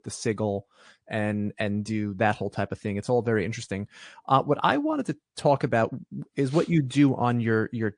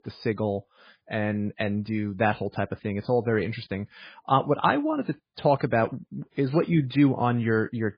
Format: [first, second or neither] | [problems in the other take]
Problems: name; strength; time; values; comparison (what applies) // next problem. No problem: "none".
first | garbled, watery; badly; slightly in the first